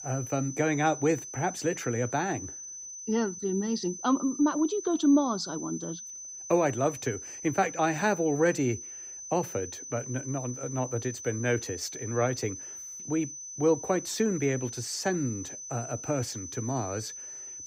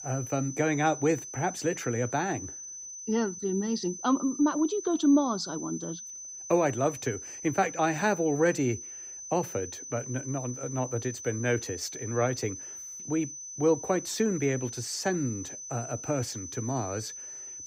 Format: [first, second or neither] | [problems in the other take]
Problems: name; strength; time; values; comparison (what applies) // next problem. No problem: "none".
neither | high-pitched whine; loud; throughout; 6 kHz, 9 dB below the speech; the same in both